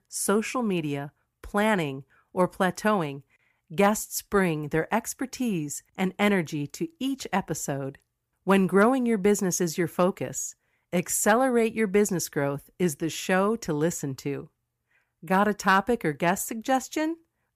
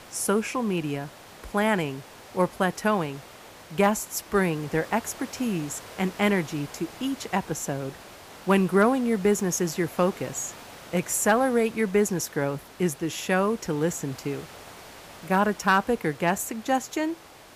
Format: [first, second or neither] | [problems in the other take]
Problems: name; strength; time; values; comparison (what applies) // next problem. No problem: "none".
first | hiss; noticeable; throughout; 20 dB below the speech